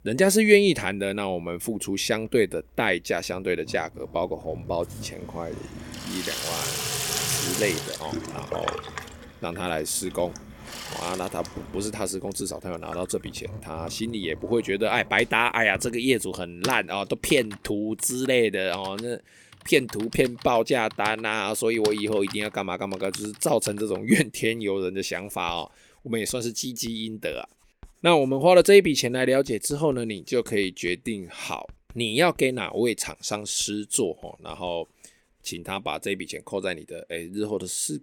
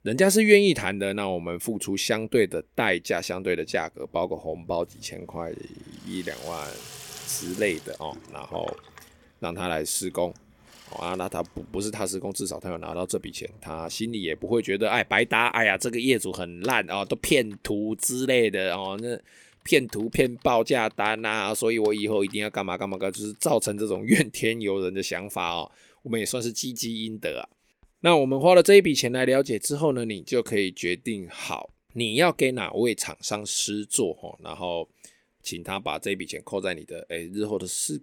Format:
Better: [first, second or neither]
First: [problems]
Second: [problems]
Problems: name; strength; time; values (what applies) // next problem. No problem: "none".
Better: second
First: household noises; loud; throughout; 10 dB below the speech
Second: household noises; faint; throughout; 25 dB below the speech